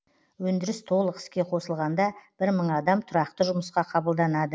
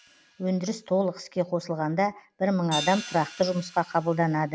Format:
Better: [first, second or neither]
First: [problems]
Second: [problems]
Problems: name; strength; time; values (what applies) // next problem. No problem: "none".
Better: first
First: none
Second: background sound (Hi-hat); 15 dB below the speech